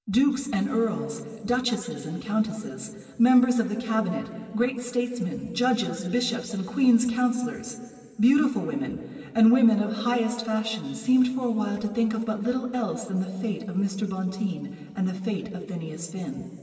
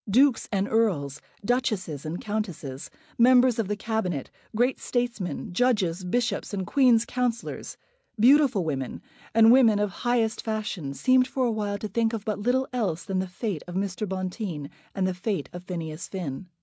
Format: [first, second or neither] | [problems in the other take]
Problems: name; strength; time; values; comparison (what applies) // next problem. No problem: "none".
second | room echo; dies away in 2.4 s